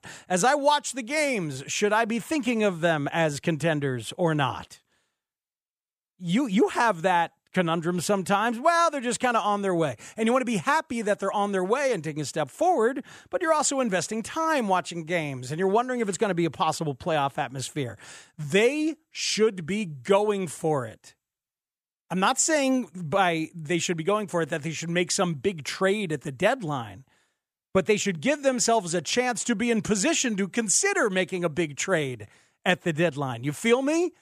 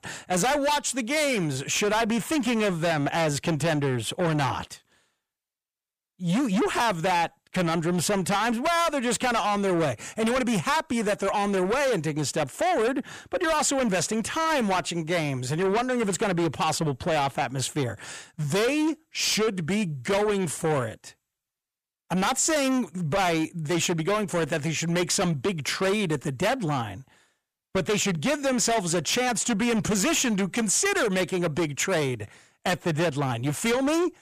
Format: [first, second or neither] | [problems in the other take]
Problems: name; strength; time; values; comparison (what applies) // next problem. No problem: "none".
first | distortion; heavy; 6 dB below the speech